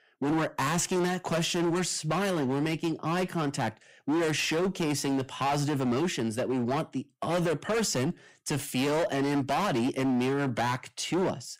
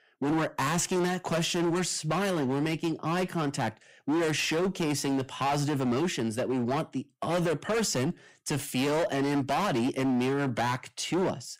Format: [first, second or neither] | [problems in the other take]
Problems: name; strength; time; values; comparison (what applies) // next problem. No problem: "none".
neither | distortion; heavy; 21% of the sound clipped; the same in both